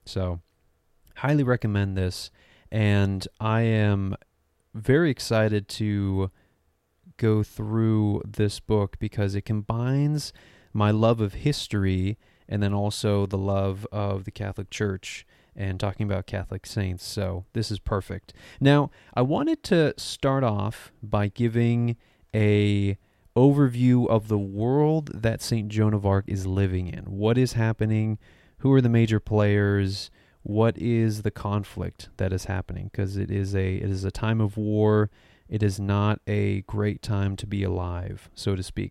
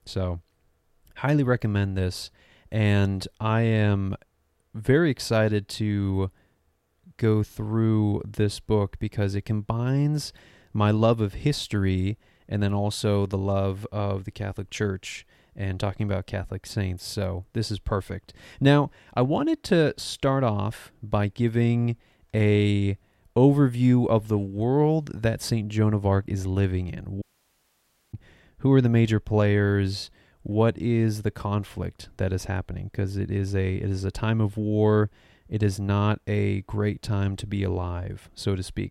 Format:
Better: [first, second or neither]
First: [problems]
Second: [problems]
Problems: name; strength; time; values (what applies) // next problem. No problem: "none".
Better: first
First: none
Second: audio cutting out; at 27 s for 1 s